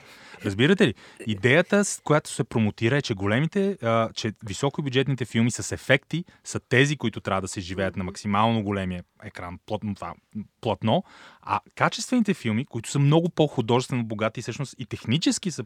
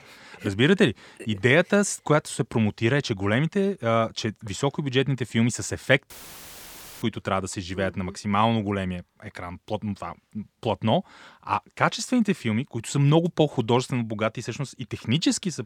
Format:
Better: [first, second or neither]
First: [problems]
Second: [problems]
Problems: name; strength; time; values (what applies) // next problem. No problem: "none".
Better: first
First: none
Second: audio cutting out; filled with static; at 6 s for 1 s